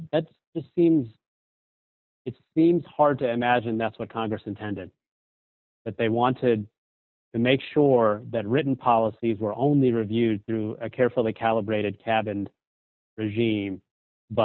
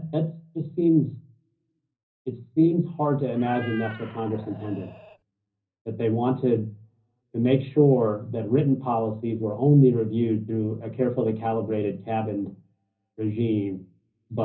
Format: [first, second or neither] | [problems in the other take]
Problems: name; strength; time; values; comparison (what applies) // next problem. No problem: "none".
first | background sound (Meow); 17 dB below the speech // room echo; dies away in 0.5 s